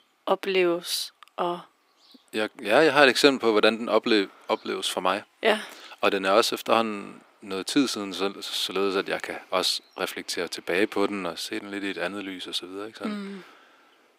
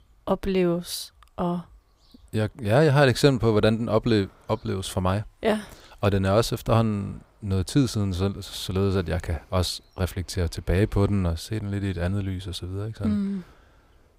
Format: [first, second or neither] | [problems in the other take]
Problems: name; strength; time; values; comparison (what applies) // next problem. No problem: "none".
second | thin; somewhat; fading below 300 Hz